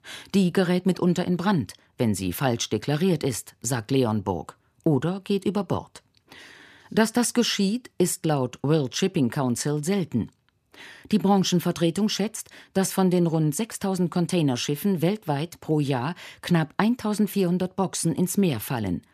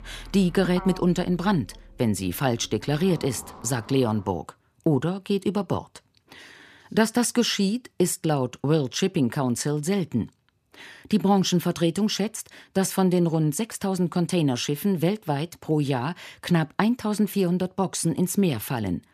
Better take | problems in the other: first | traffic noise; noticeable; until 4.5 s; 20 dB below the speech

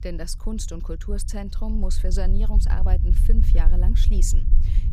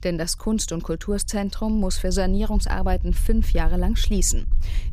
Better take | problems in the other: second | low rumble; loud; throughout; 8 dB below the speech; faint in the second

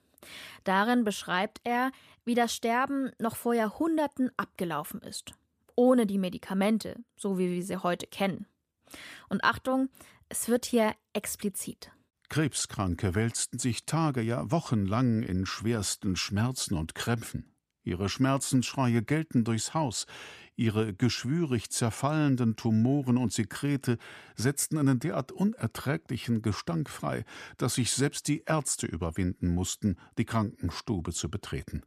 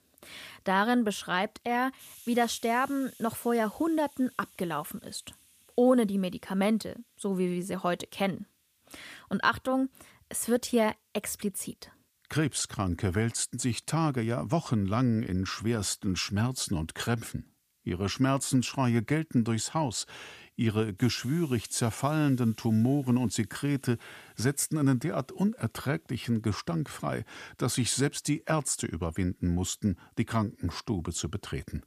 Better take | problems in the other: first | hiss; faint; throughout; 25 dB below the speech

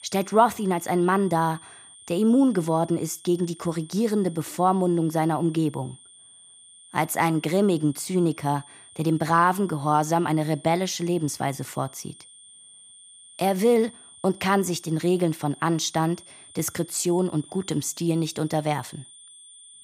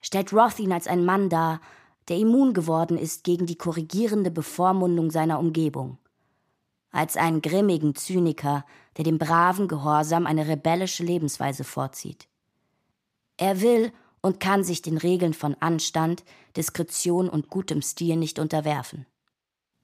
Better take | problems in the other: second | high-pitched whine; faint; throughout; 9 kHz, 20 dB below the speech

